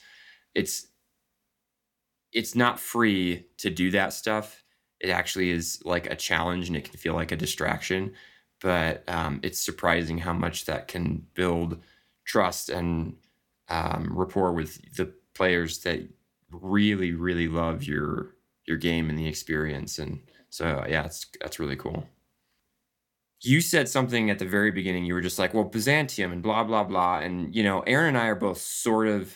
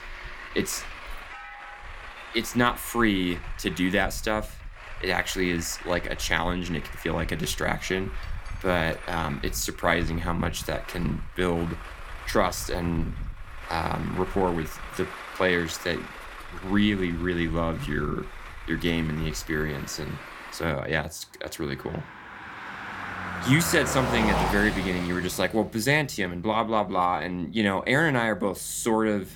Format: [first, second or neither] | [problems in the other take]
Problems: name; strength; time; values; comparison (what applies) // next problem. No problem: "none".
first | traffic noise; noticeable; throughout; 10 dB below the speech